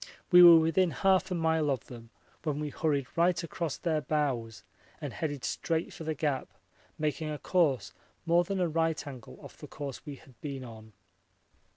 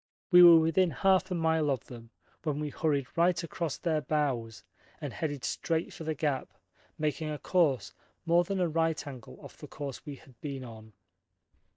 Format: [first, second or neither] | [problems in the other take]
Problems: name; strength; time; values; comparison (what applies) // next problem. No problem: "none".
first | noise reduction (neural mask model DeepFilterNet 3)